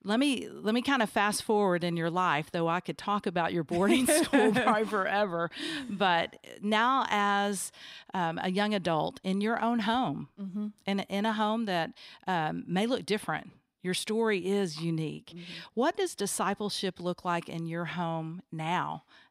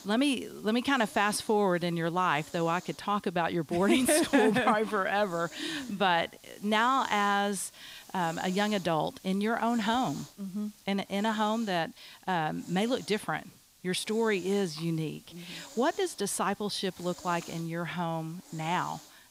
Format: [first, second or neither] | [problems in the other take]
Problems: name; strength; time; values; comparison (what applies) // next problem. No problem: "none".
first | hiss; faint; throughout; 20 dB below the speech